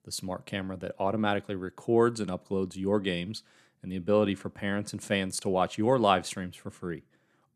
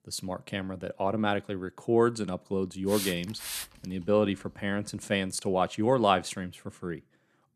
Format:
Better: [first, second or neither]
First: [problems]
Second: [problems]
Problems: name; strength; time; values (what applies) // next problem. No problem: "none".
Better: first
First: none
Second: hiss; loud; from 3 to 5.5 s; 7 dB below the speech